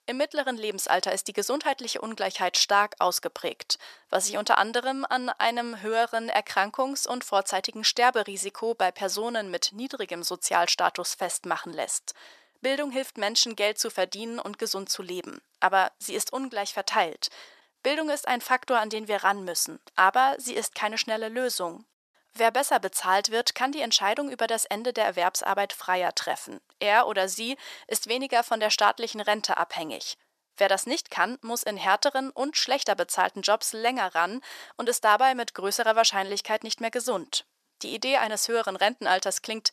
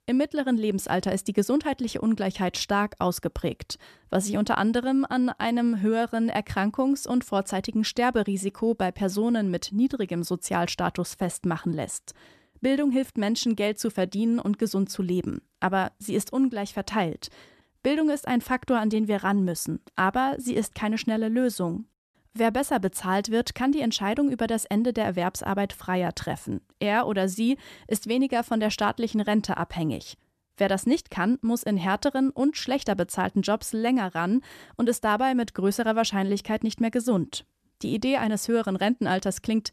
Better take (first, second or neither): second